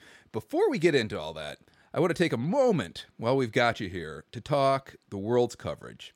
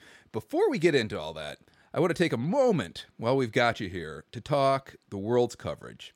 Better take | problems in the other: neither | none

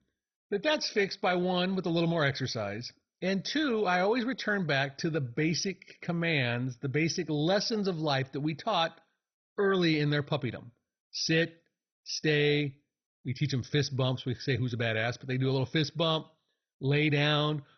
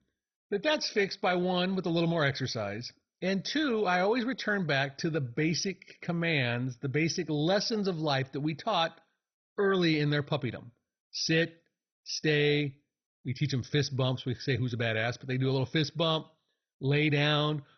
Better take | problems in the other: neither | garbled, watery; badly; nothing above 6 kHz; the same in both

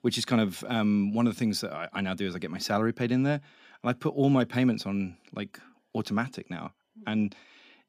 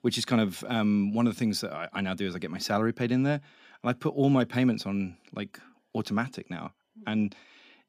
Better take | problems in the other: neither | none

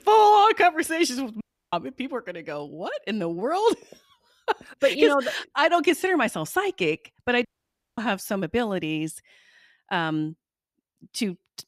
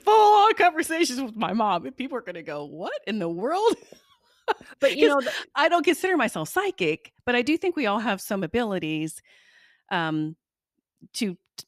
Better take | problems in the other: second | audio cutting out; at 1.5 s and at 7.5 s for 0.5 s

